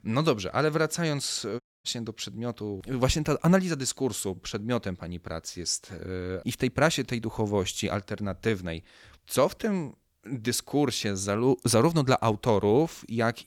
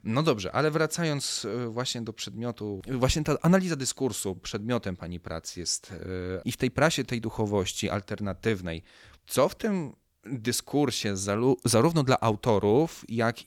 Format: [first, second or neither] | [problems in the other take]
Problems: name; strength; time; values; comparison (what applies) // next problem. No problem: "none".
second | audio cutting out; at 1.5 s